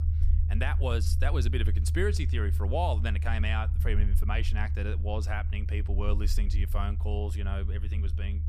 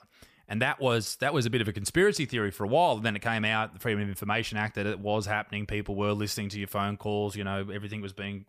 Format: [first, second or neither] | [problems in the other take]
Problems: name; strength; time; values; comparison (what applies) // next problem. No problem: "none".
second | low rumble; noticeable; throughout; 10 dB below the speech